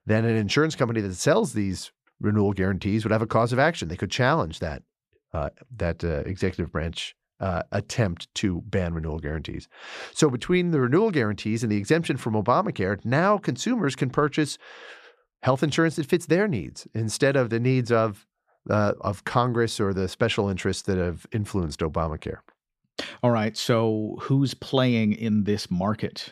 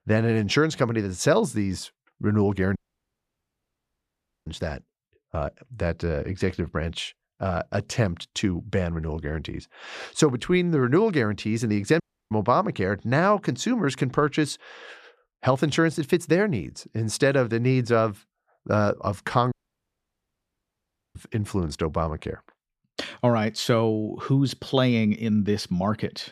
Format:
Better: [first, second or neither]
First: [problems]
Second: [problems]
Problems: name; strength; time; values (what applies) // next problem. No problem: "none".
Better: first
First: none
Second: audio cutting out; at 3 s for 1.5 s, at 12 s and at 20 s for 1.5 s